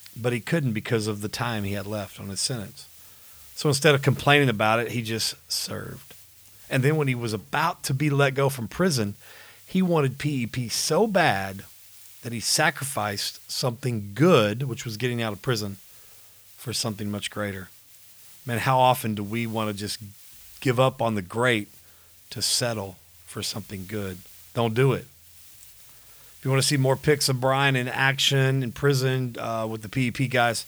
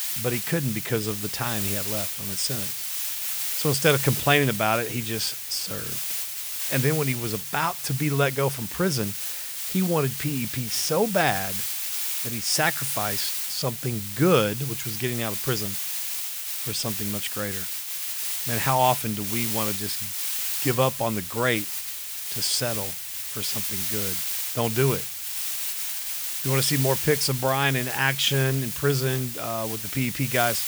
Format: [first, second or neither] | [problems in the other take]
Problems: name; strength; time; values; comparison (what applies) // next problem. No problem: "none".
first | hiss; loud; throughout; 2 dB below the speech; faint in the first